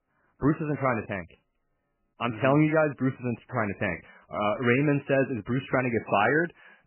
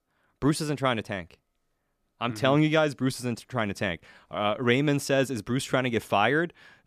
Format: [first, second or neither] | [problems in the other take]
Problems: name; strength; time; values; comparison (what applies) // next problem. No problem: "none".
second | garbled, watery; badly; nothing above 3 kHz